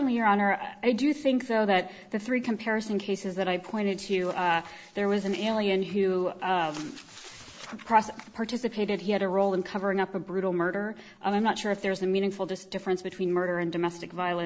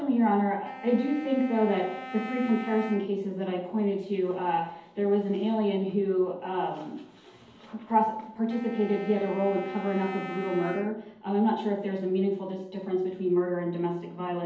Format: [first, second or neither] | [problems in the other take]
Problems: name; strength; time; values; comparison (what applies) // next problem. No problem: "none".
first | background sound (Wind instrument, woodwind instrument); 14 dB below the speech // room echo; dies away in 2.2 s